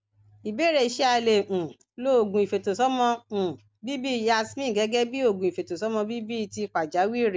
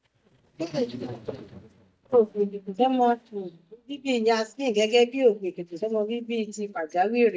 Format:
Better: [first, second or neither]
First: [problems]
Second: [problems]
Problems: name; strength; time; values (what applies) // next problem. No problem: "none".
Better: first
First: none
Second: noise reduction (neural mask model DeepFilterNet 3)